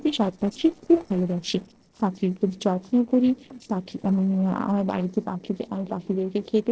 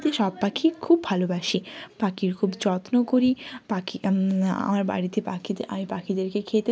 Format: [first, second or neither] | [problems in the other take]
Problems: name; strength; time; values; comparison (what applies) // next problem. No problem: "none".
second | noise reduction (neural separator model SepFormer DNS4)